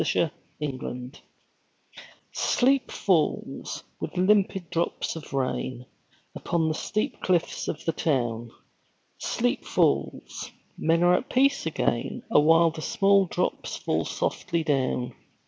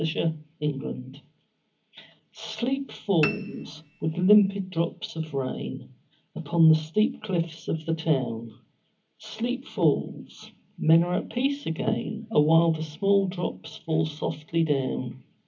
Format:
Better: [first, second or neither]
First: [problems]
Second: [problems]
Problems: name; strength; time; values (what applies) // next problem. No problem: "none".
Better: first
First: none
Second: background sound (Piano); 11 dB below the speech // room echo; dies away in 0.4 s